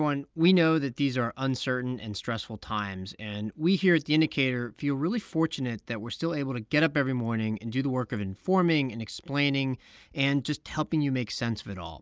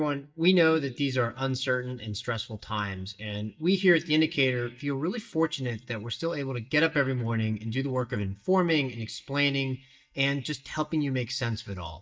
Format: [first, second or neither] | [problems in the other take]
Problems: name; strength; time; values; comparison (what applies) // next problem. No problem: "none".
first | noise reduction (neural mask model DeepFilterNet 3)